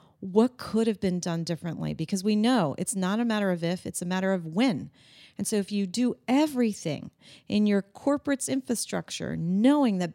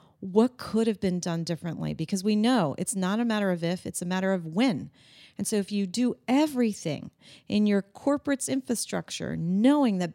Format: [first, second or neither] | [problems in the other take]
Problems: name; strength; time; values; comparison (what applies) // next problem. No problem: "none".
neither | none